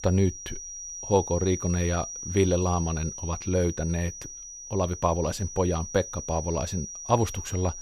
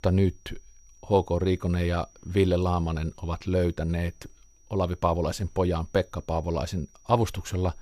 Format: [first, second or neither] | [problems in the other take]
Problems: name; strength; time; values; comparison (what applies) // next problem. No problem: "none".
second | high-pitched whine; loud; throughout; 6 kHz, 9 dB below the speech; faint in the second